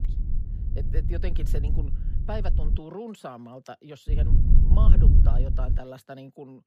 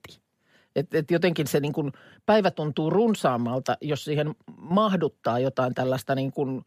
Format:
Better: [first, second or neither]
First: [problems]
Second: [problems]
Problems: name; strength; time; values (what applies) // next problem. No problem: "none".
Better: second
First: low rumble; loud; until 3 s and from 4 to 6 s; 2 dB below the speech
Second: none